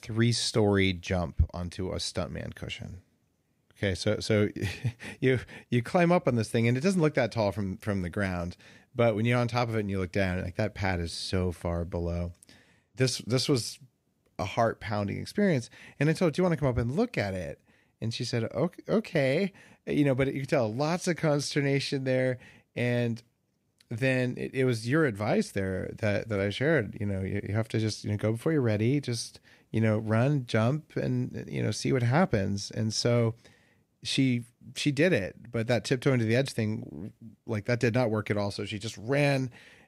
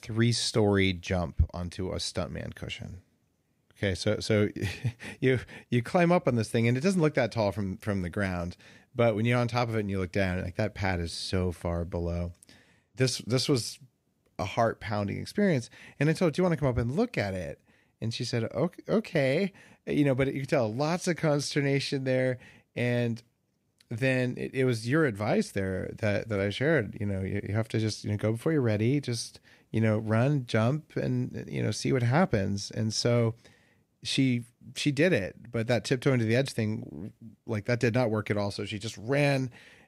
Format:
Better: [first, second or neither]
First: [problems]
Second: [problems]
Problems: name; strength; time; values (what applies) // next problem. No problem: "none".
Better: neither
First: none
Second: none